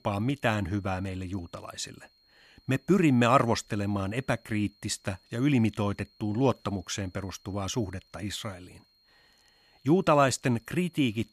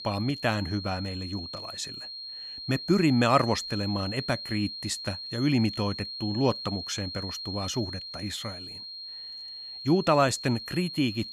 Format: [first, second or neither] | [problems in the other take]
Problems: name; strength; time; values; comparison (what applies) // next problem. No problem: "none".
first | high-pitched whine; loud; throughout; 4 kHz, 8 dB below the speech; faint in the first